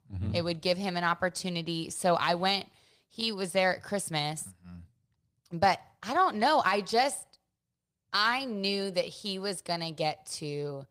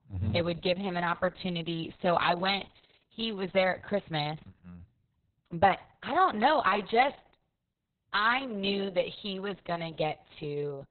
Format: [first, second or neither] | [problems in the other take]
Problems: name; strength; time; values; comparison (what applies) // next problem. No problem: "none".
first | garbled, watery; badly; nothing above 4 kHz; slightly in the first